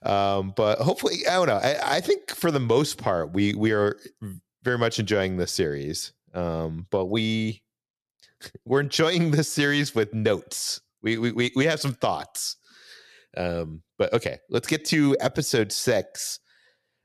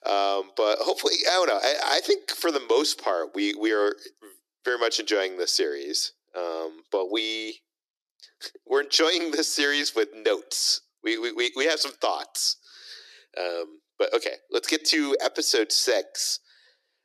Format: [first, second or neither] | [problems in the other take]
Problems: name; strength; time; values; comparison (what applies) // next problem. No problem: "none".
first | thin; somewhat; fading below 300 Hz